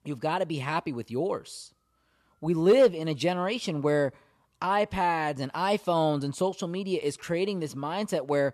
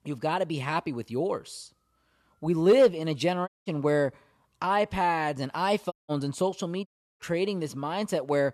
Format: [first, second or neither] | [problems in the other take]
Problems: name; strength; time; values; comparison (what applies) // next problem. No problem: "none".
first | audio cutting out; at 3.5 s, at 6 s and at 7 s